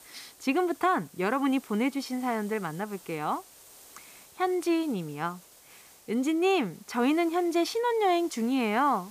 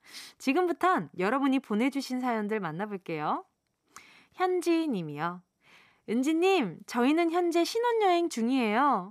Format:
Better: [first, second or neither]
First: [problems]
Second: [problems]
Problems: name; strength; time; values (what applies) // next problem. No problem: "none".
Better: second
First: hiss; faint; throughout; 25 dB below the speech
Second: none